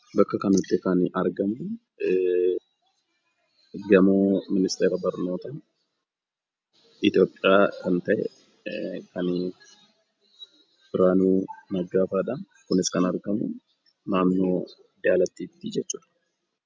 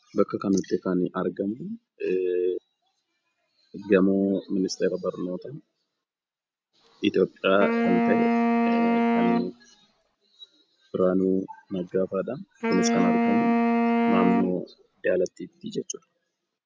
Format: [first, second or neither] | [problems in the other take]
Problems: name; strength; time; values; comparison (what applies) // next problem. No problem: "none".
first | background sound (Wind instrument, woodwind instrument); 3 dB above the speech